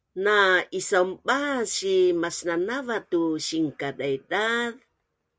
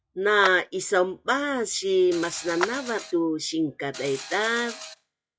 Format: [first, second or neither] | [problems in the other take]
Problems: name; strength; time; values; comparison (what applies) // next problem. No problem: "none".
first | noise reduction (classical method log-MMSE)